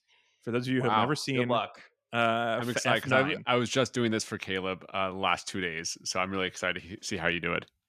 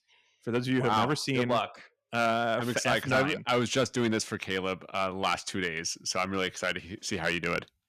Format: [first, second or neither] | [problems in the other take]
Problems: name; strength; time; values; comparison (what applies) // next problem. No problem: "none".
first | distortion; slight; 2% of the sound clipped